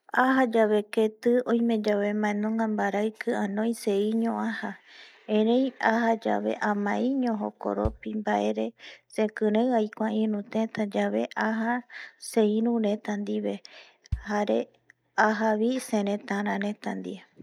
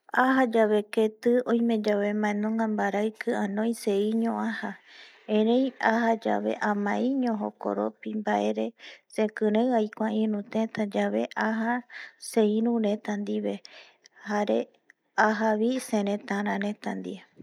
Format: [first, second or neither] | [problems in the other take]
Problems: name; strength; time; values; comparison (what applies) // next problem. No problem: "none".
second | background sound (Bass drum); 15 dB below the speech